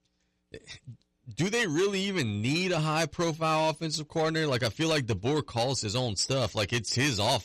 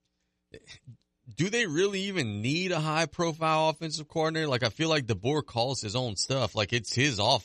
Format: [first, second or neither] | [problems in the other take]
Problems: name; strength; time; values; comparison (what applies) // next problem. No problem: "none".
second | distortion; slight; 10 dB below the speech